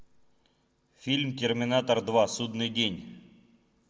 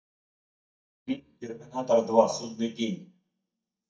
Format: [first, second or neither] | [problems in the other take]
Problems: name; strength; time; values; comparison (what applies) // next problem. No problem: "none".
first | noise reduction (neural mask model DeepFilterNet 3)